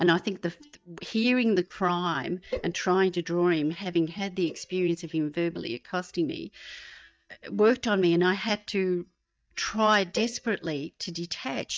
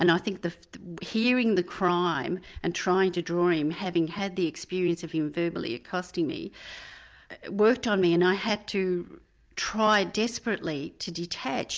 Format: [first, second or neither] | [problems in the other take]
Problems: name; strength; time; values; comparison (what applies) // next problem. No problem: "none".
second | noise reduction (neural mask model DeepFilterNet 3)